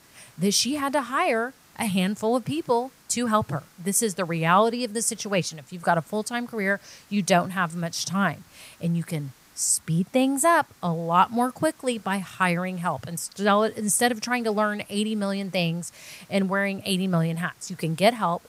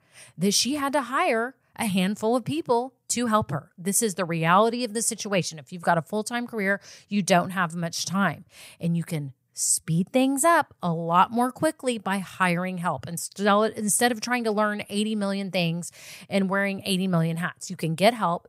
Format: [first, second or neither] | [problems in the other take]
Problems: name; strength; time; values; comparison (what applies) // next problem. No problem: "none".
second | hiss; faint; throughout; 30 dB below the speech